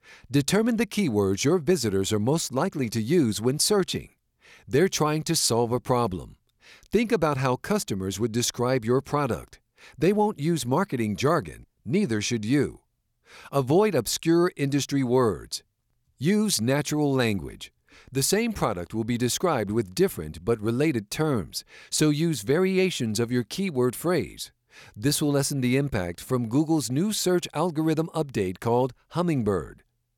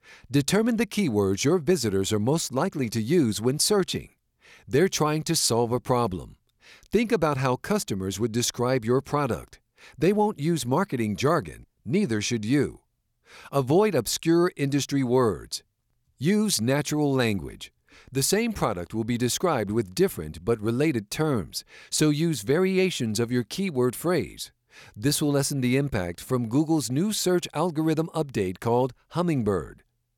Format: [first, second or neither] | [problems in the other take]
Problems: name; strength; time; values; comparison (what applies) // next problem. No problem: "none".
neither | none